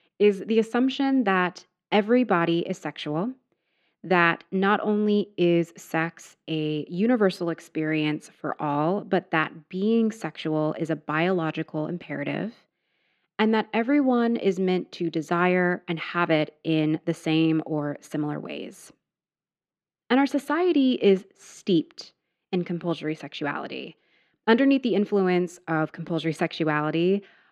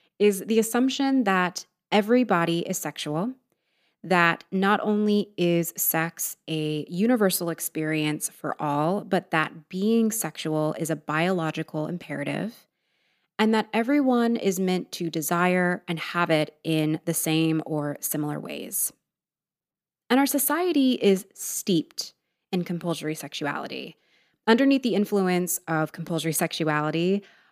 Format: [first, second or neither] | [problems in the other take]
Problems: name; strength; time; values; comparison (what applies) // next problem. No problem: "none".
second | muffled; slightly; fading above 3 kHz